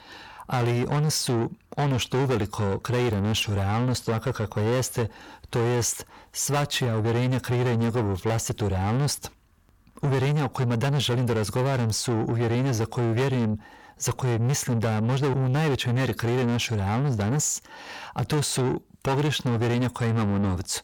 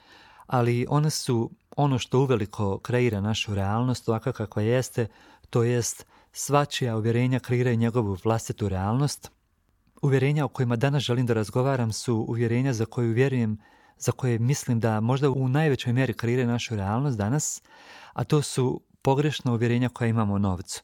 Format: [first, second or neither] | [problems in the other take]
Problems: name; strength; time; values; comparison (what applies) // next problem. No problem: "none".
second | distortion; heavy; 8 dB below the speech